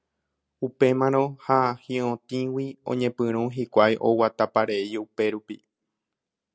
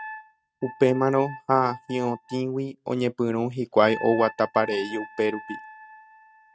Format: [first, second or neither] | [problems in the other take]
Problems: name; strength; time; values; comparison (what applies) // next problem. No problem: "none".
first | noise reduction (neural mask model RNNoise)